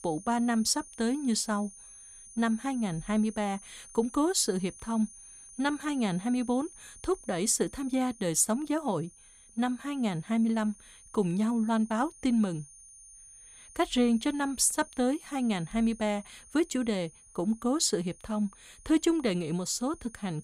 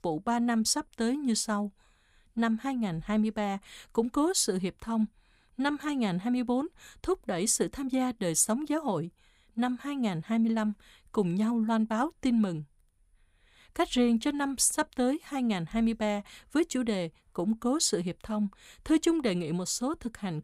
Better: second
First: high-pitched whine; noticeable; throughout; 9.5 kHz, 20 dB below the speech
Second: none

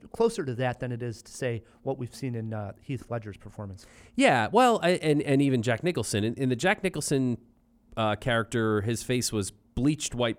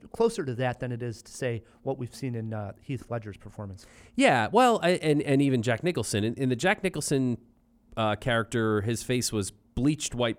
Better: neither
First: none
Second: none

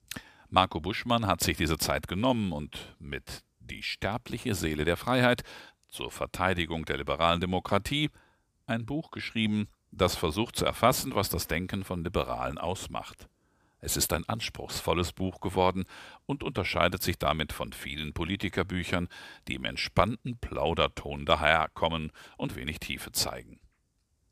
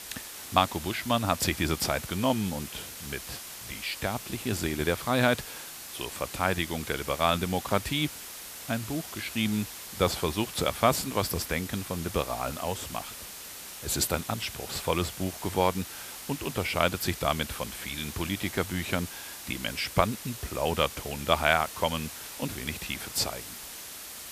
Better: first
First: none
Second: hiss; loud; throughout; 10 dB below the speech

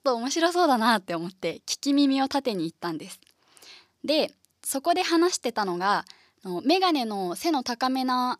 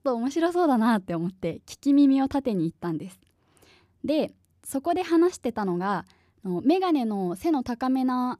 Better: second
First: thin; very slightly; fading below 850 Hz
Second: none

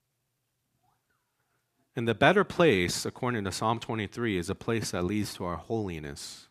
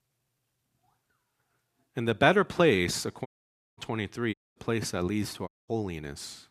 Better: first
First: none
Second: audio cutting out; at 3.5 s for 0.5 s, at 4.5 s and at 5.5 s

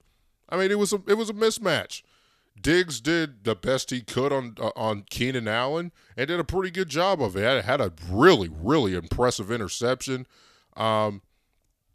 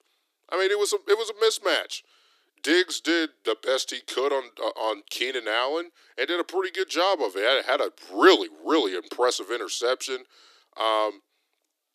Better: first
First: none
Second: thin; somewhat; fading below 300 Hz

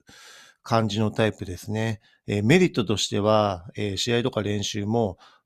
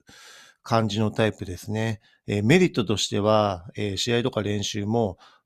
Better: neither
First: none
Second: none

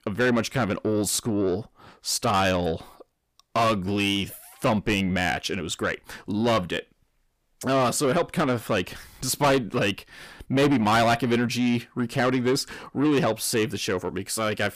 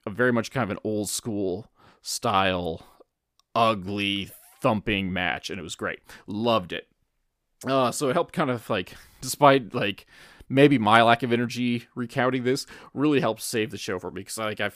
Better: second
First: distortion; heavy; 7 dB below the speech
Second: none

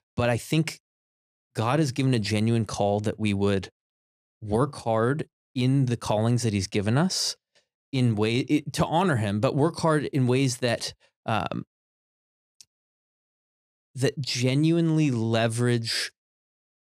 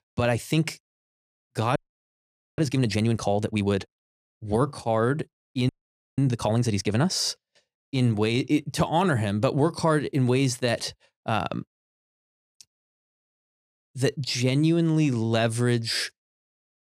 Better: first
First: none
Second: audio freezing; at 2 s for 1 s and at 5.5 s

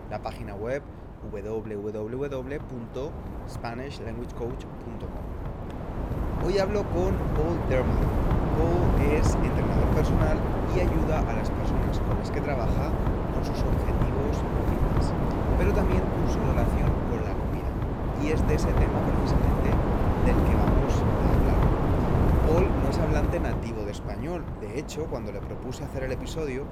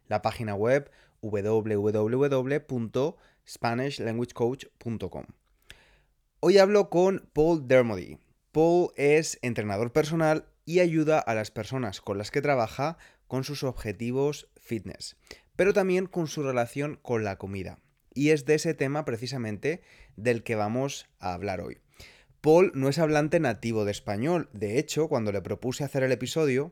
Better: second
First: wind noise on the microphone; heavy; 3 dB above the speech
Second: none

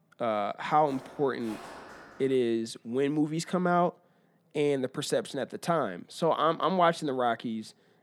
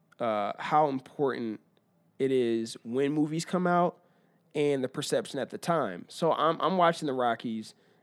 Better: second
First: footsteps; faint; from 1 to 2.5 s; peak 15 dB below the speech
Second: none

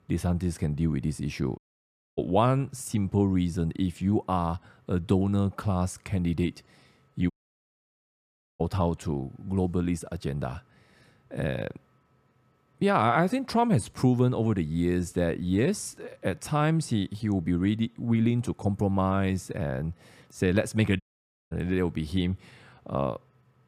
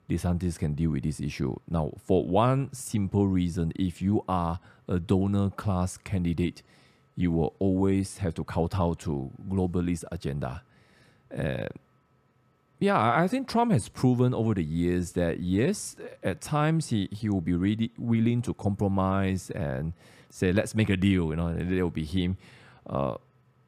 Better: second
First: audio cutting out; at 1.5 s for 0.5 s, at 7.5 s for 1.5 s and at 21 s for 0.5 s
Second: none

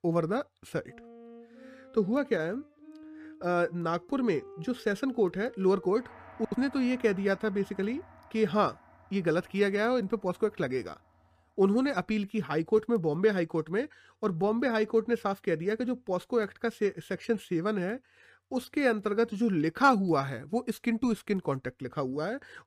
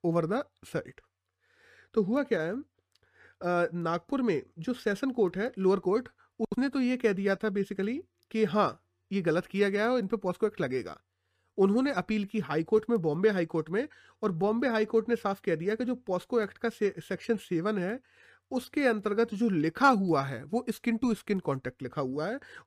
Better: second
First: background music; faint; until 11 s; 20 dB below the speech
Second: none

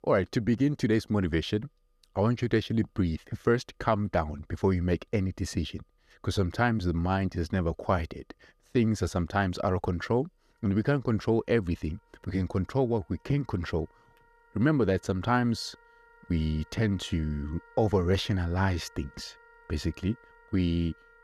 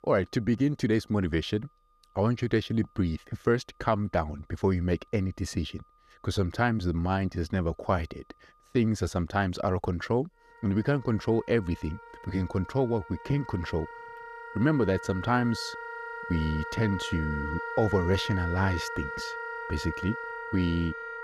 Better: first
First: background music; faint; throughout; 30 dB below the speech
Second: background music; loud; throughout; 9 dB below the speech

